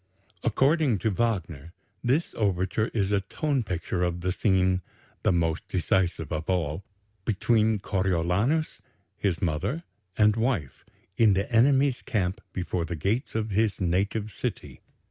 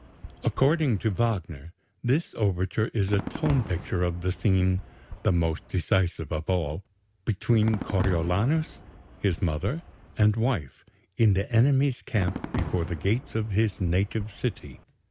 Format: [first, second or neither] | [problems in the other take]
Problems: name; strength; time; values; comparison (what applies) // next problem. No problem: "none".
first | background sound (Fireworks); 14 dB below the speech